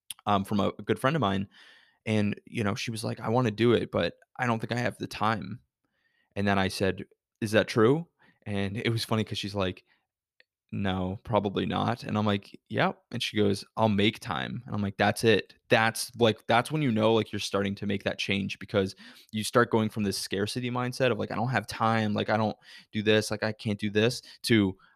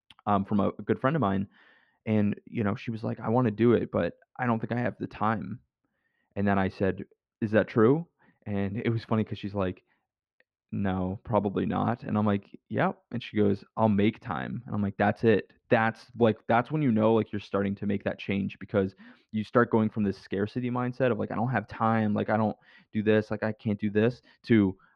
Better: first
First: none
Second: muffled; very; fading above 2 kHz

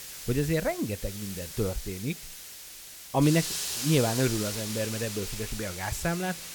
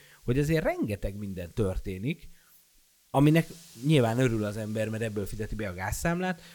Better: second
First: hiss; loud; throughout; 5 dB below the speech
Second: hiss; faint; throughout; 25 dB below the speech

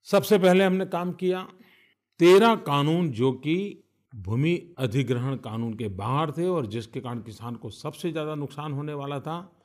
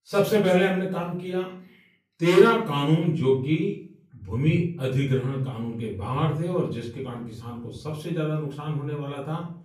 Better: first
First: none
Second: off-mic speech; far // room echo; slight; dies away in 0.5 s

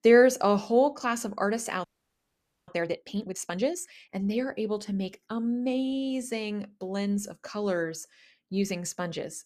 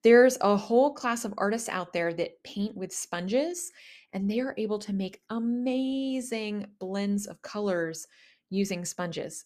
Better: second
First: audio freezing; at 2 s for 1 s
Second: none

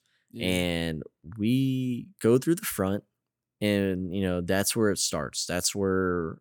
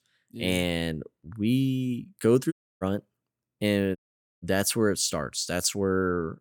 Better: first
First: none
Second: audio cutting out; at 2.5 s and at 4 s

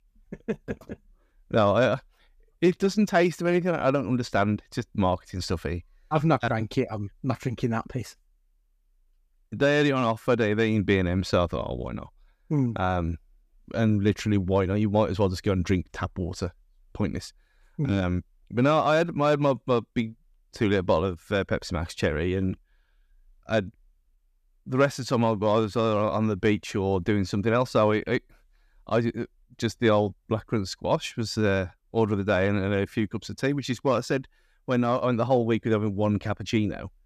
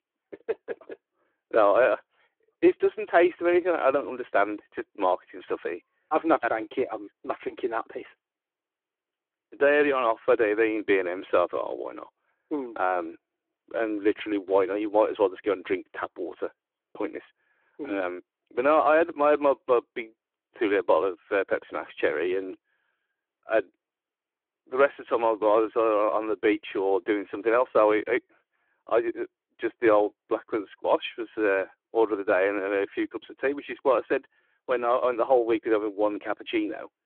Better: first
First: none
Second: phone-call audio

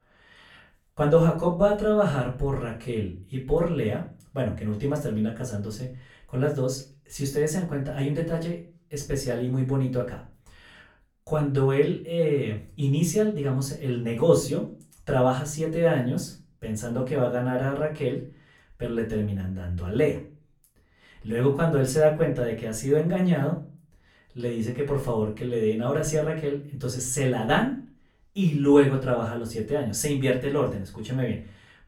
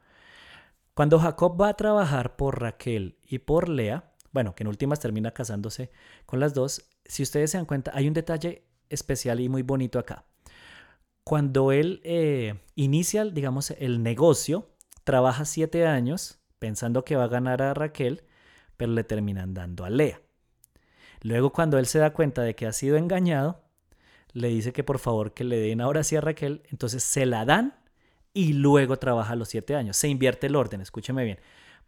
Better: second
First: off-mic speech; far // room echo; slight; dies away in 0.3 s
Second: none

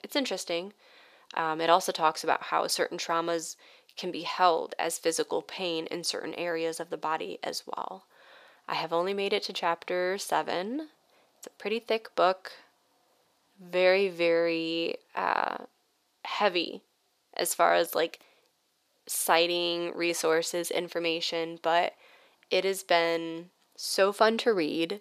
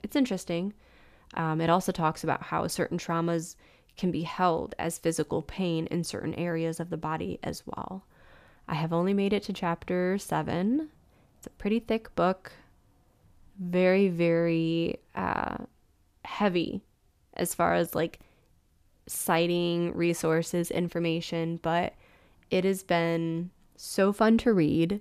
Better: second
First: thin; very; fading below 500 Hz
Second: none

